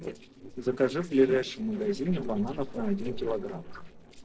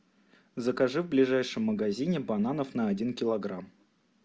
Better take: second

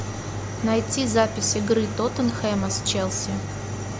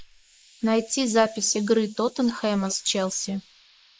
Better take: first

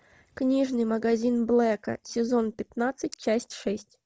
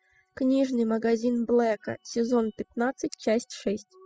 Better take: first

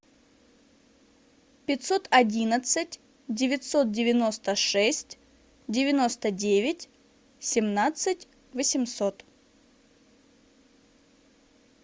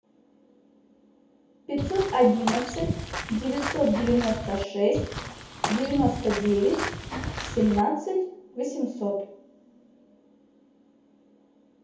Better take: first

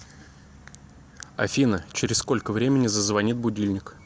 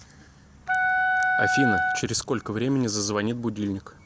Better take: first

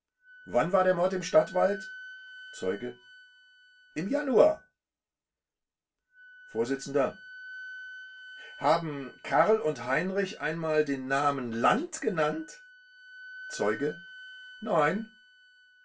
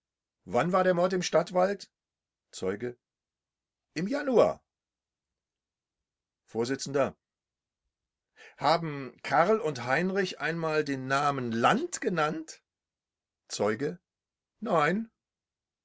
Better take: second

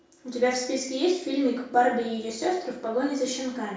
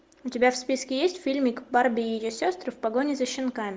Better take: second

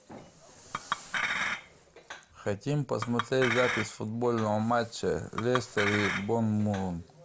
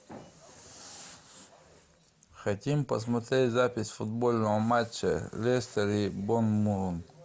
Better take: second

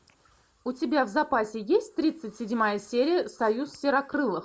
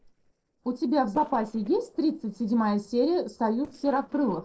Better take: first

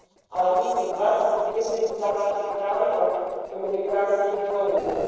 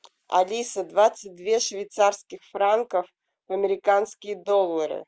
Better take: second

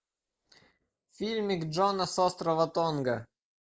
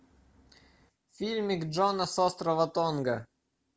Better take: second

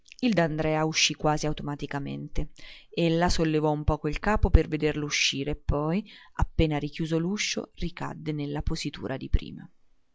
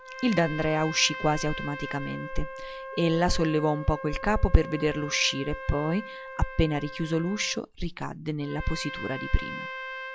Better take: first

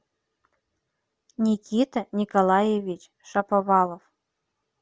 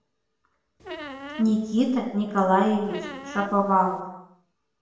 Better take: first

